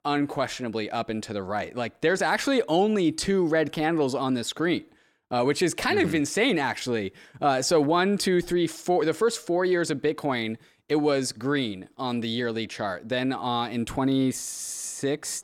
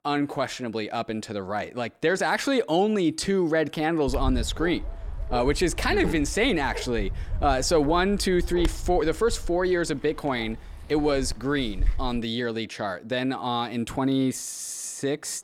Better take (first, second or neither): first